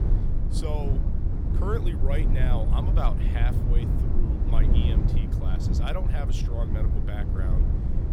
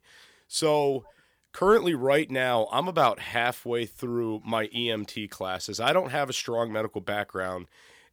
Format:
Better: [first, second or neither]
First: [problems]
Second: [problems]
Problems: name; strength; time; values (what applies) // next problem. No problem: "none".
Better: second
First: low rumble; loud; throughout; 2 dB below the speech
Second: none